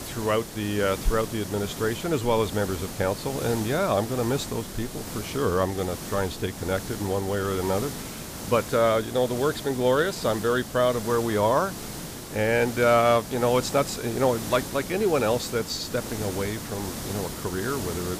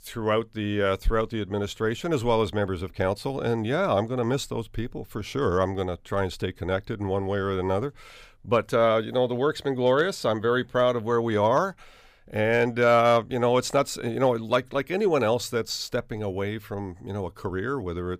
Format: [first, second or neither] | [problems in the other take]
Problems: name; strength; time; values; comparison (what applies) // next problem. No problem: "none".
second | hiss; loud; throughout; 9 dB below the speech